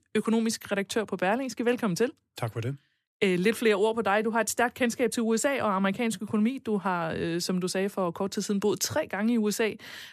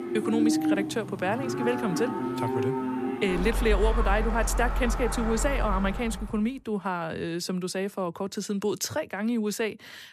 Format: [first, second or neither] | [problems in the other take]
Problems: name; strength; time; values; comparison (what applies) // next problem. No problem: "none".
first | animal sounds; loud; until 6 s; 1 dB below the speech